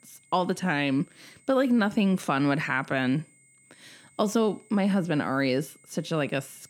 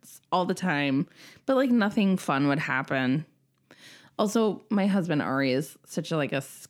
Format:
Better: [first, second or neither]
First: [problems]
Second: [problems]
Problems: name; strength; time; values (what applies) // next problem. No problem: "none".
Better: second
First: high-pitched whine; faint; throughout; 2 kHz, 30 dB below the speech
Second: none